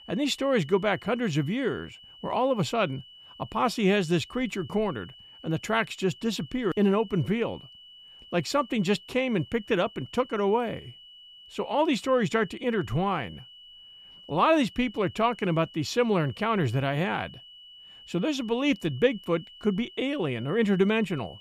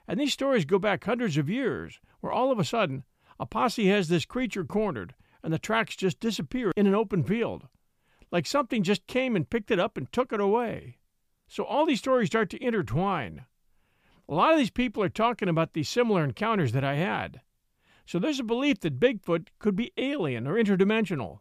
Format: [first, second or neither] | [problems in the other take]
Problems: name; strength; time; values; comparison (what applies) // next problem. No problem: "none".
second | high-pitched whine; faint; throughout; 3 kHz, 20 dB below the speech